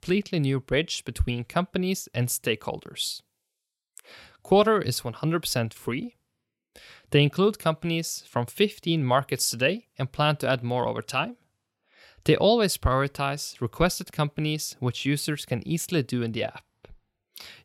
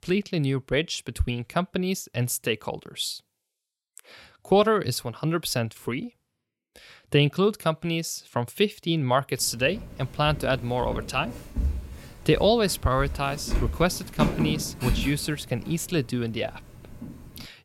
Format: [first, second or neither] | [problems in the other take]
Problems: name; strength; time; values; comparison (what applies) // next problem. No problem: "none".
first | footsteps; noticeable; from 10 to 17 s; peak level with the speech